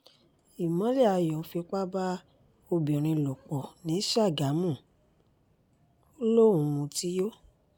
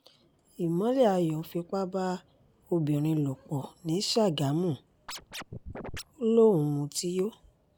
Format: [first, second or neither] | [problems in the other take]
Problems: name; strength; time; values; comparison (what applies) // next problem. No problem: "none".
first | background sound (Scratching (performance technique)); 11 dB below the speech